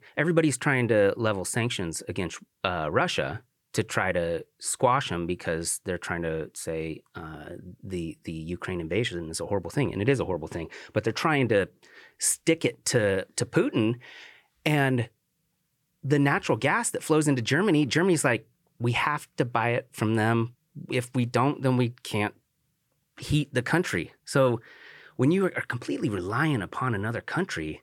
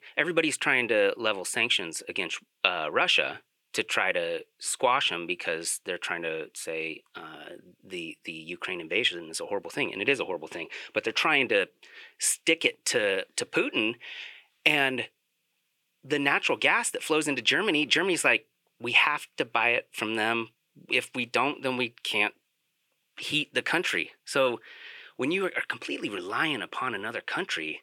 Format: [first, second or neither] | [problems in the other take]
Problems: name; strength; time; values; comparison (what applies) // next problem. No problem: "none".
first | thin; somewhat; fading below 350 Hz